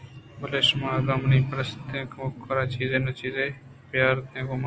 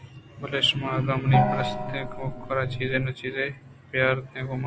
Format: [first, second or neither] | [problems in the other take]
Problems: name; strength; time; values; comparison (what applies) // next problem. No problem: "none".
first | background sound (Gong); 2 dB below the speech